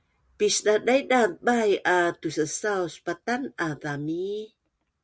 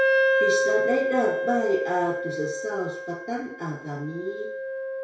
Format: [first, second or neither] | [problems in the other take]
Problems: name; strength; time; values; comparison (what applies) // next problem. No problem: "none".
first | background sound (Wind instrument, woodwind instrument); 2 dB above the speech // room echo; dies away in 0.6 s